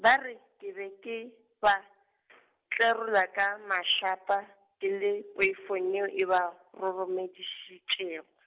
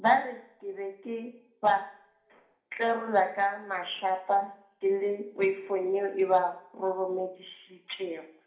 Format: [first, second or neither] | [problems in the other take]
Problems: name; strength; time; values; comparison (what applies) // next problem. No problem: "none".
first | room echo; dies away in 0.5 s